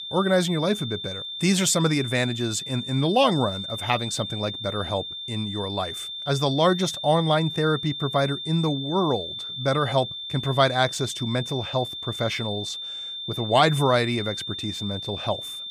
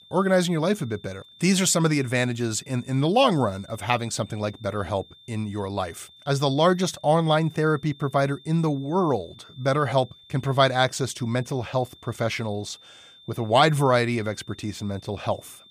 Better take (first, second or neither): second